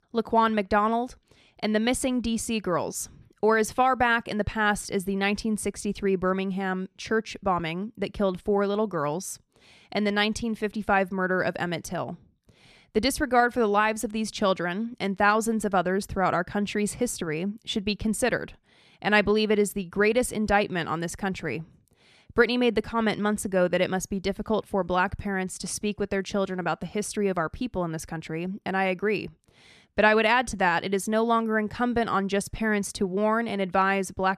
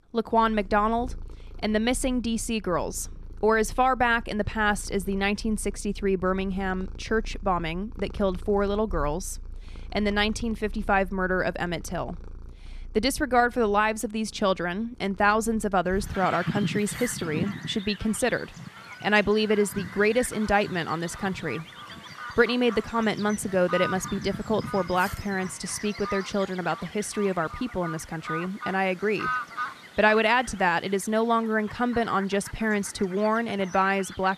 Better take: first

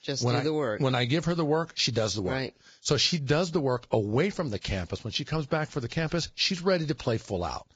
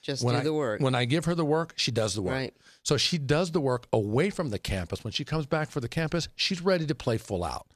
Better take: second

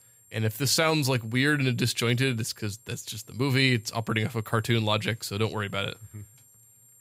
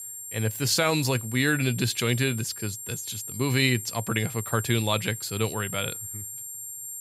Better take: first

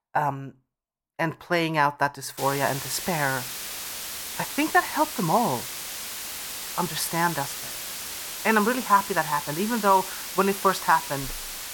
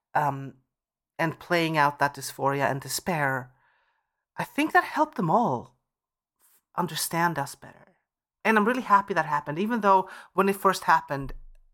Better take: second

